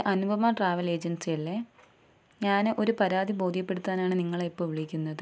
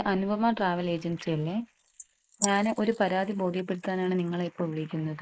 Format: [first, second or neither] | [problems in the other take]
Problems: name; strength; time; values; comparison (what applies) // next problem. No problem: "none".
first | noise reduction (neural mask model Resemble Enhance denoiser)